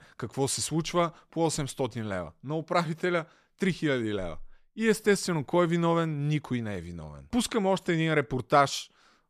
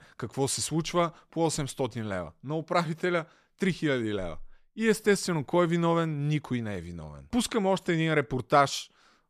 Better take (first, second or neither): neither